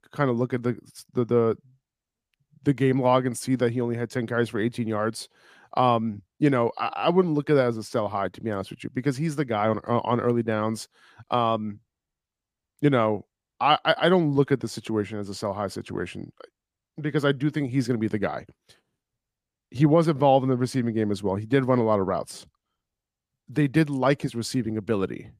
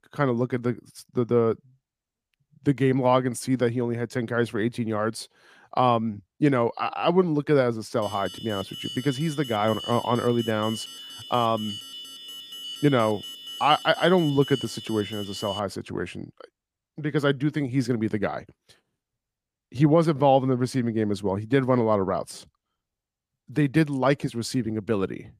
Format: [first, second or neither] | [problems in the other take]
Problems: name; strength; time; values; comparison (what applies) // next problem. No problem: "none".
first | alarm; noticeable; from 8 to 16 s; peak 10 dB below the speech